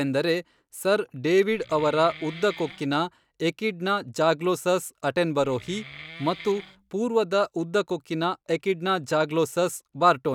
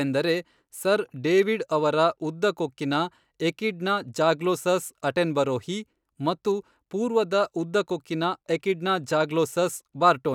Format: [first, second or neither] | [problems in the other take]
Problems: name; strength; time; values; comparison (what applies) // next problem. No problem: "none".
second | background sound (Wood); 18 dB below the speech